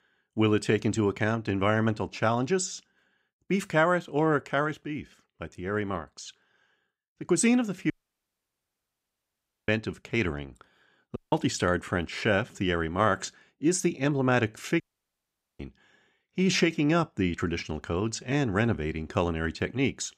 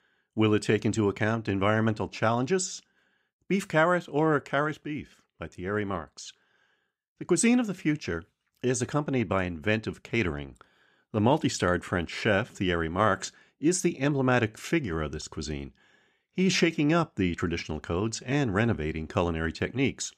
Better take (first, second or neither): second